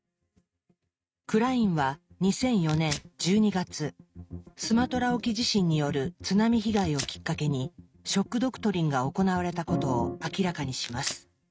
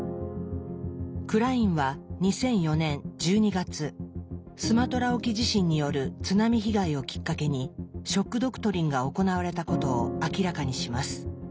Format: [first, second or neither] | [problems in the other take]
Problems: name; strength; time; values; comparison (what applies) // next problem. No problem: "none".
second | noise reduction (neural mask model RNNoise)